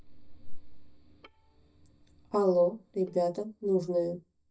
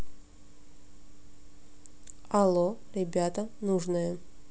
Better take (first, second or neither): second